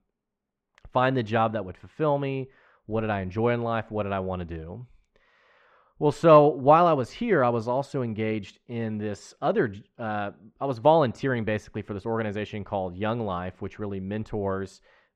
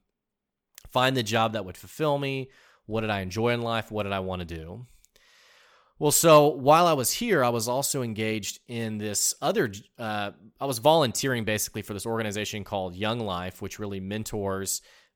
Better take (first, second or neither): second